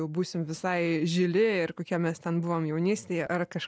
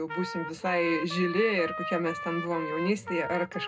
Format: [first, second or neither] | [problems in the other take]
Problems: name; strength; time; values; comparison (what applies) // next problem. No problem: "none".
first | background sound (Trumpet); 7 dB below the speech // room echo; dies away in 0.2 s